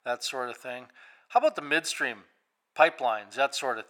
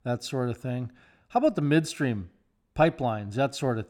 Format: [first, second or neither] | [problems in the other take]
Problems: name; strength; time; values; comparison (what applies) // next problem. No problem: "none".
second | thin; very; fading below 850 Hz